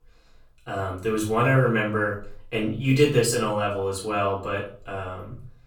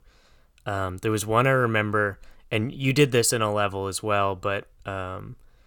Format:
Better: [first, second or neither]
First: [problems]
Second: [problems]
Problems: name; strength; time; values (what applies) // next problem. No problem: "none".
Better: second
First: off-mic speech; far // room echo; slight; dies away in 0.4 s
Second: none